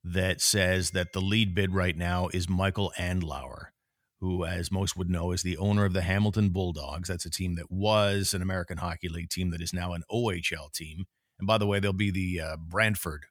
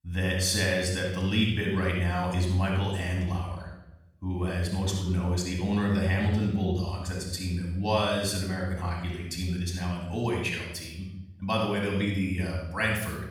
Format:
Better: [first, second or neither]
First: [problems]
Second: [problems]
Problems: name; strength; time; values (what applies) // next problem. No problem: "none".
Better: first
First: none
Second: off-mic speech; far // room echo; noticeable; dies away in 0.8 s